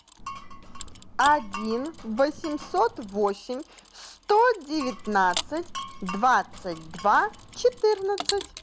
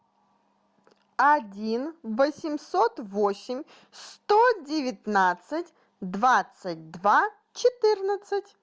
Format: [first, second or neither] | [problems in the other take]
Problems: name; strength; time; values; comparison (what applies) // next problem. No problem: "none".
second | background sound (Glass + Mechanisms); 12 dB below the speech